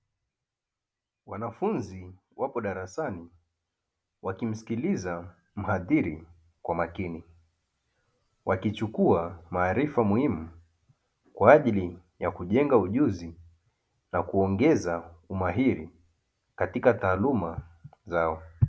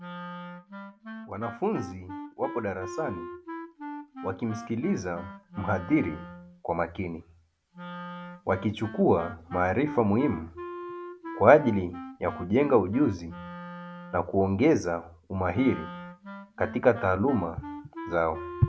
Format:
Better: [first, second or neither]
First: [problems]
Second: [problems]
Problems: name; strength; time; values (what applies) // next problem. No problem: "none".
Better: first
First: none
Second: background sound (Wind instrument, woodwind instrument); 13 dB below the speech